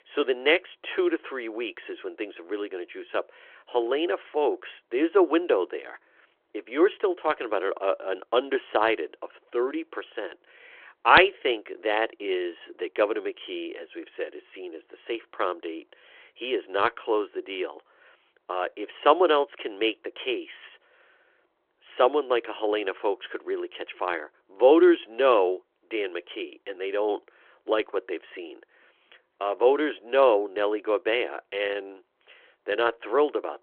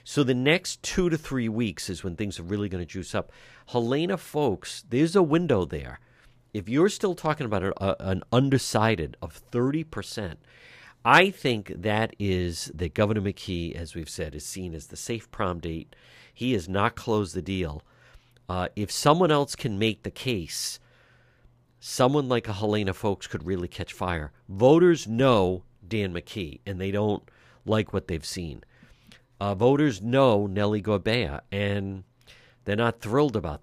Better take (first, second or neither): second